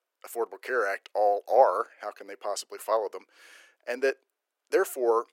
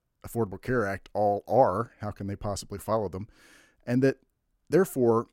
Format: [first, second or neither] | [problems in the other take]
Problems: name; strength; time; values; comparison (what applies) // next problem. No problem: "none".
second | thin; very; fading below 400 Hz